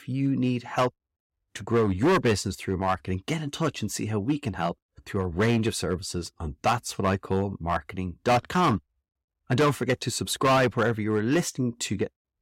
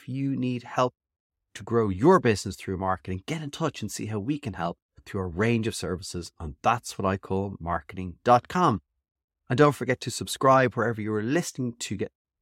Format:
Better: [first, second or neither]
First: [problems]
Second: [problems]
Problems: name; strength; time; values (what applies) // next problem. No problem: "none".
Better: second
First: distortion; heavy; 5% of the sound clipped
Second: none